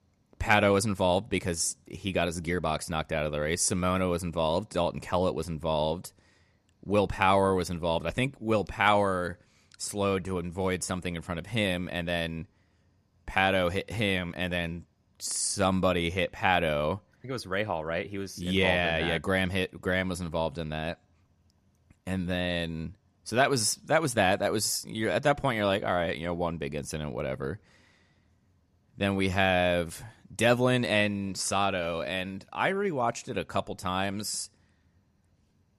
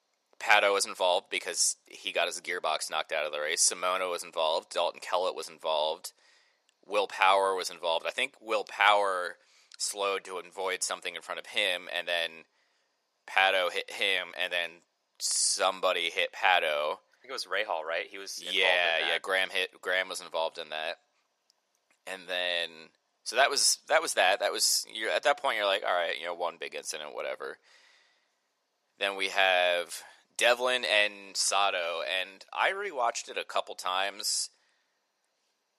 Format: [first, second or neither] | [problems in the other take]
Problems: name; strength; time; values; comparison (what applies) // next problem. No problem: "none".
first | thin; very; fading below 550 Hz